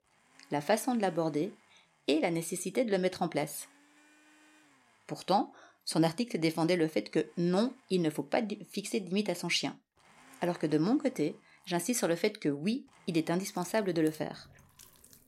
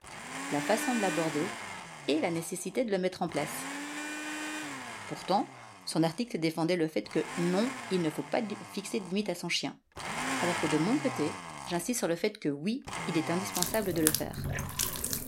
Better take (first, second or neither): first